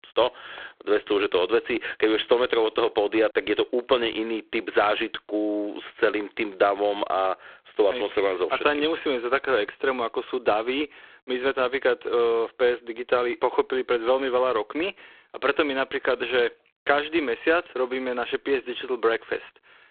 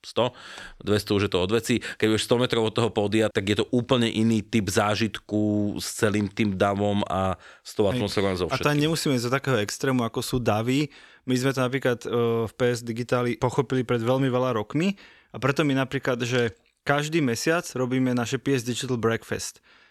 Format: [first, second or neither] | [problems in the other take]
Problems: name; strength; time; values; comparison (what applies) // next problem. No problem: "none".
second | phone-call audio; poor line